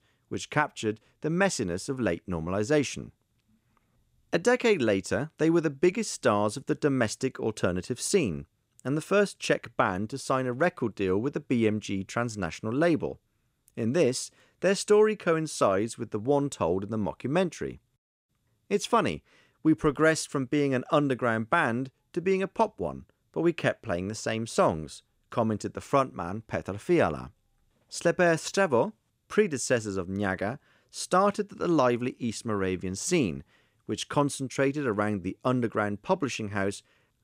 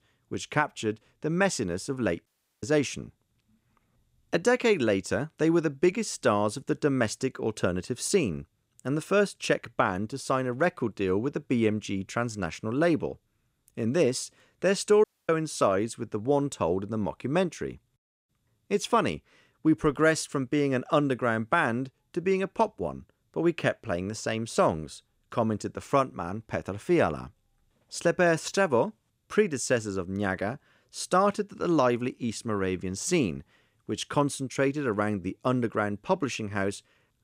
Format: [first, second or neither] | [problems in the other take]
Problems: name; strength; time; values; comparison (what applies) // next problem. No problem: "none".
first | audio cutting out; at 2.5 s and at 15 s